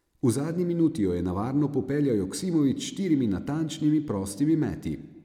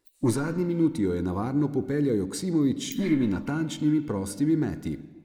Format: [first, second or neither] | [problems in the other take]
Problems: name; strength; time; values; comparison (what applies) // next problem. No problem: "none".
first | noise reduction (neural mask model Resemble Enhance denoiser)